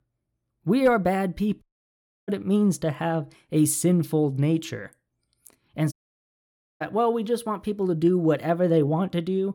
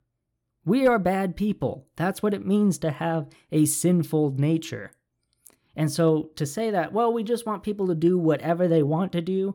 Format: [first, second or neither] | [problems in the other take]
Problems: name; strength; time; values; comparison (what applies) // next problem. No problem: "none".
second | audio cutting out; at 1.5 s for 0.5 s and at 6 s for 1 s